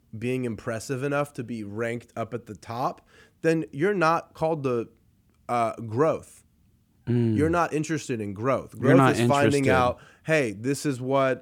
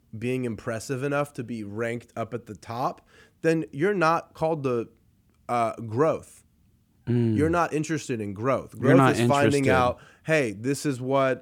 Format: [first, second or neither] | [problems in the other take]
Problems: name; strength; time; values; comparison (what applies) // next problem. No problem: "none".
neither | none